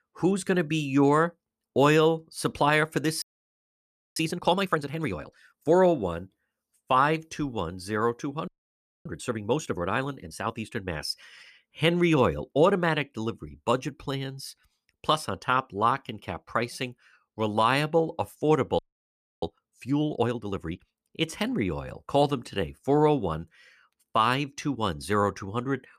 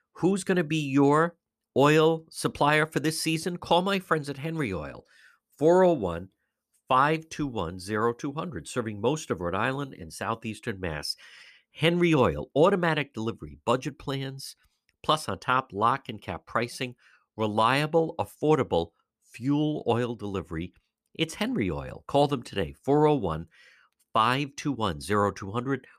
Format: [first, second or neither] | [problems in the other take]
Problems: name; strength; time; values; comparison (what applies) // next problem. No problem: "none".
second | audio freezing; at 3 s for 1 s, at 8.5 s for 0.5 s and at 19 s for 0.5 s